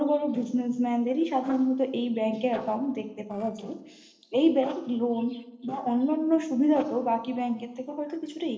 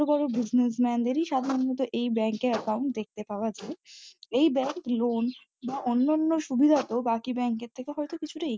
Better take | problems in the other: second | noise reduction (neural separator model SepFormer DNS4)

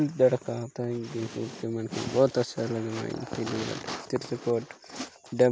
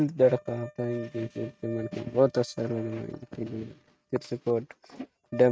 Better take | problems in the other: first | noise reduction (neural mask model RNNoise)

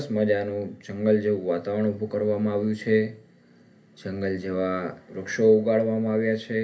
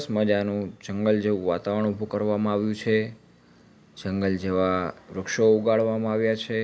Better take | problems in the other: second | room echo; dies away in 0.3 s

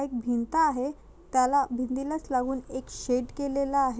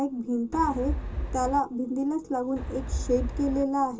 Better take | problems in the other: first | background sound (Wind); 4 dB below the speech // room echo; dies away in 0.2 s

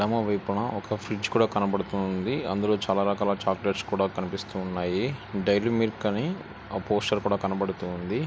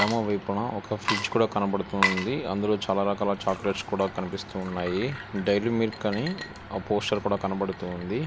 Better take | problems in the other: first | background sound (Water / Liquid); 9 dB below the speech

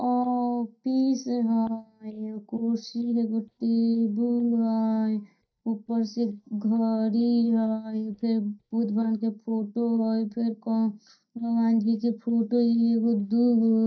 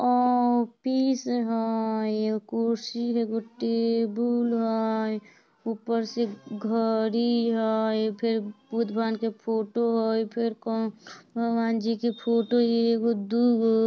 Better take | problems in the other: second | noise reduction (neural mask model DeepFilterNet 3)

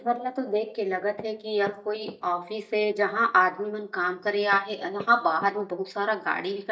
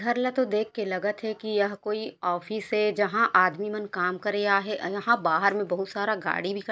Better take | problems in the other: second | noise reduction (neural mask model DeepFilterNet 3)

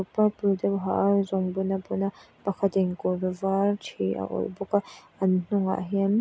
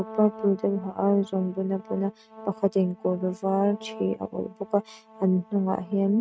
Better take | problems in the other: first | noise reduction (neural mask model RNNoise)

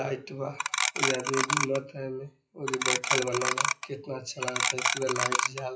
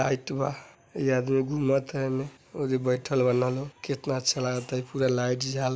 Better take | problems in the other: second | noise reduction (classical method WPE with log-MMSE)

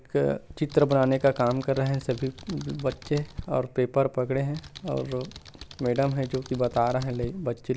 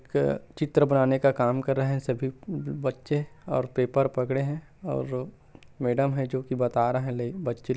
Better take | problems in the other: second | background sound (Computer keyboard); 17 dB below the speech

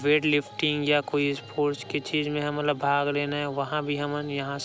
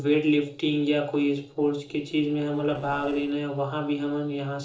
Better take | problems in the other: first | noise reduction (neural separator model SepFormer DNS4)

